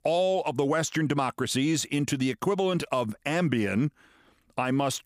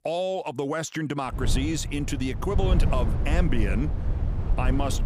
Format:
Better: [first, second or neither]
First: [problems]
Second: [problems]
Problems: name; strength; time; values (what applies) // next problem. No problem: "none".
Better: first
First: none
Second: low rumble; loud; from 1.5 s on; 10 dB below the speech